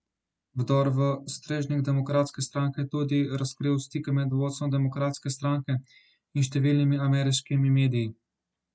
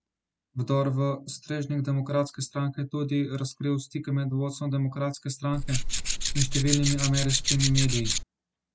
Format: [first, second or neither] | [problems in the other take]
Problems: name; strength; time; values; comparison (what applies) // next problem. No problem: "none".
first | background sound (Tools); 1 dB above the speech